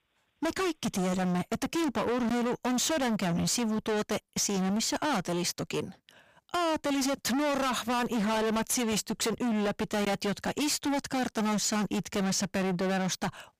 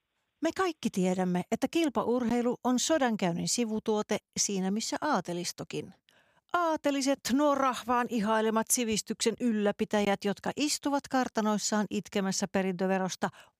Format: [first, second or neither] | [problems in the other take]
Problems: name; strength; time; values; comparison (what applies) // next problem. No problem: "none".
second | distortion; heavy; 36% of the sound clipped